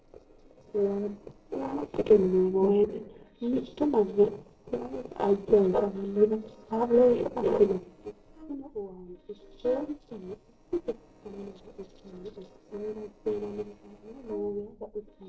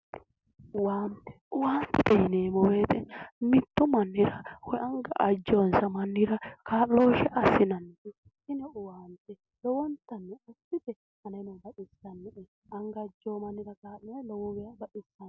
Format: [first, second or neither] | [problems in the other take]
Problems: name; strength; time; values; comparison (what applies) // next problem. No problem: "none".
second | noise reduction (neural separator model SepFormer DNS4)